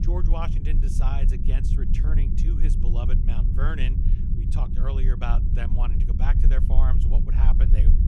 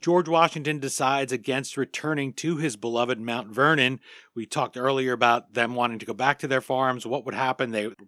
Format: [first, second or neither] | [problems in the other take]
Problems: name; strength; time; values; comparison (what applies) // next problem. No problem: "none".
second | low rumble; loud; throughout; 3 dB below the speech